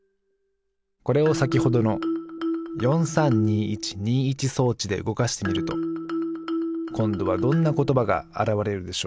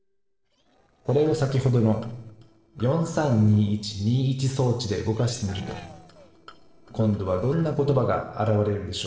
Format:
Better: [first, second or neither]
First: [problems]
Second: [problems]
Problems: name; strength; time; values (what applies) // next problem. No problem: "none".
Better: first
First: none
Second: noise reduction (neural separator model SepFormer DNS4)